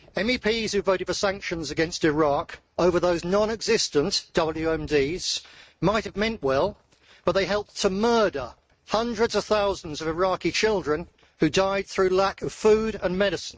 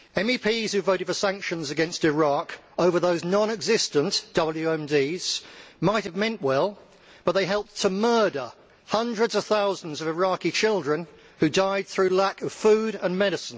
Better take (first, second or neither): second